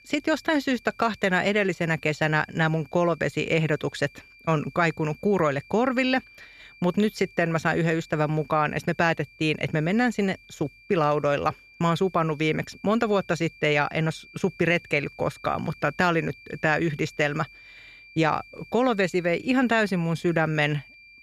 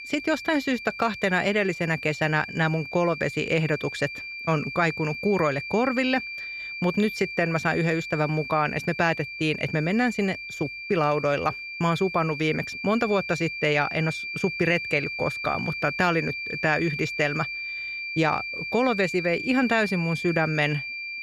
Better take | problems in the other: first | high-pitched whine; loud; throughout; 2.5 kHz, 7 dB below the speech; faint in the first

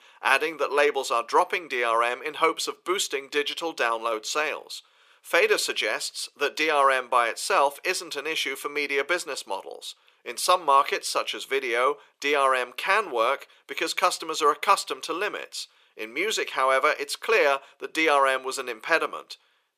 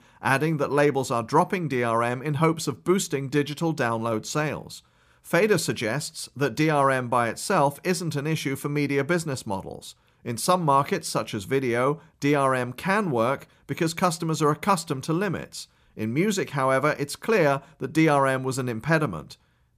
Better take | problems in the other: second | thin; very; fading below 450 Hz

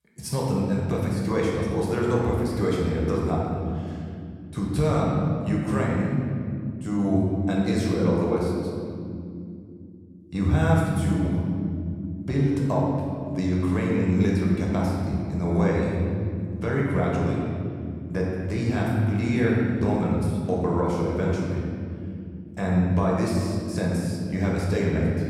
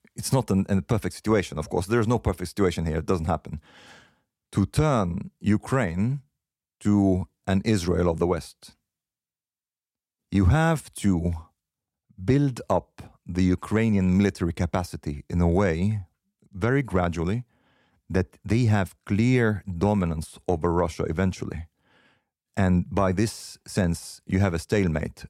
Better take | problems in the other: second | room echo; noticeable; dies away in 2.9 s // off-mic speech; far

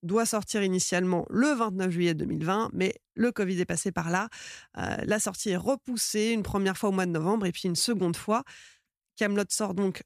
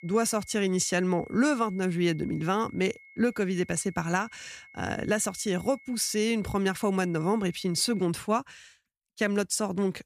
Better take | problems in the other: first | high-pitched whine; faint; until 8 s; 2 kHz, 25 dB below the speech

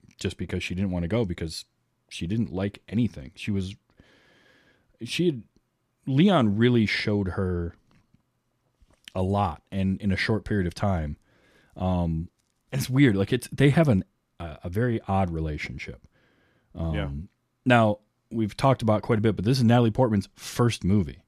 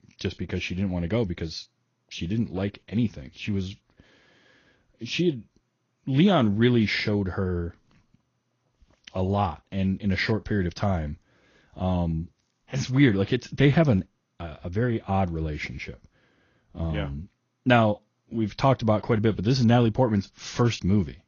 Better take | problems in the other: first | garbled, watery; slightly; nothing above 6.5 kHz

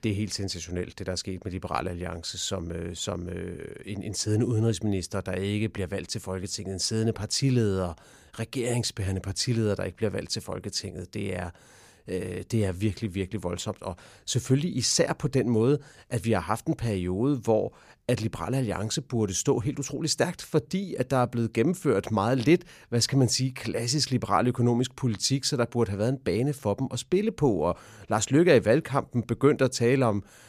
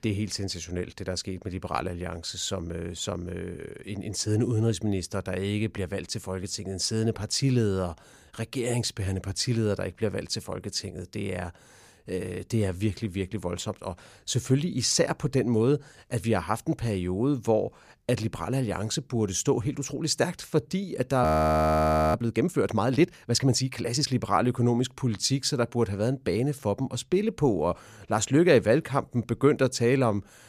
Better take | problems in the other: first | audio freezing; at 21 s for 1 s

